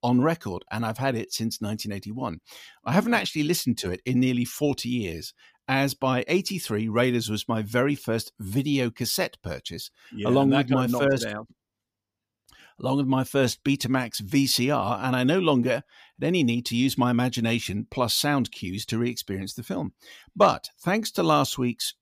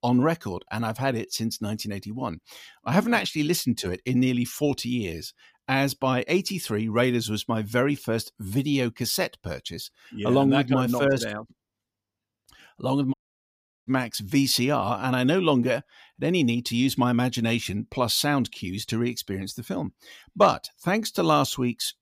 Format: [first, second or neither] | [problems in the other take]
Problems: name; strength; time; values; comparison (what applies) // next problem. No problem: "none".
first | audio cutting out; at 13 s for 0.5 s